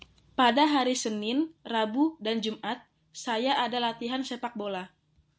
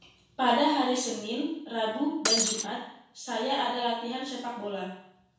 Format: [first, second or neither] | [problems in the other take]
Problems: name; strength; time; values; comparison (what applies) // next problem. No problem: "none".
first | background sound (Shatter); 4 dB above the speech // room echo; dies away in 0.7 s